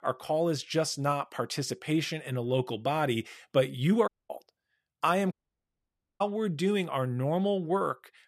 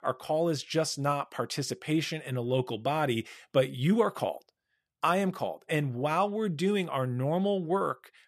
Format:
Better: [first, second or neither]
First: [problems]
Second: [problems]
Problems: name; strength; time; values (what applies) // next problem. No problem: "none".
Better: second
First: audio cutting out; at 4 s and at 5.5 s for 1 s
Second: none